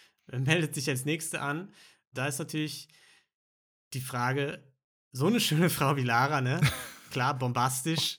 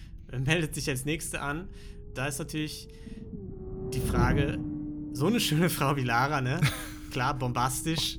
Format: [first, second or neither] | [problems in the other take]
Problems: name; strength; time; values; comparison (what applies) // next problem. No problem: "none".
first | low rumble; noticeable; throughout; 10 dB below the speech